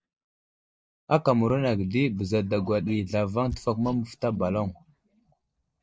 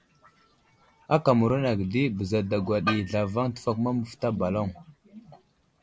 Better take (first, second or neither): second